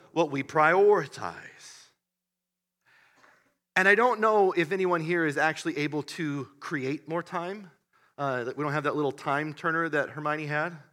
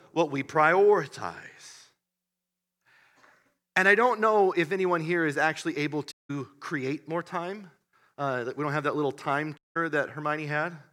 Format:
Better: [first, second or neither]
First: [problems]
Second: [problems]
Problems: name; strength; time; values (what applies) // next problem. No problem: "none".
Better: first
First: none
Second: audio cutting out; at 6 s and at 9.5 s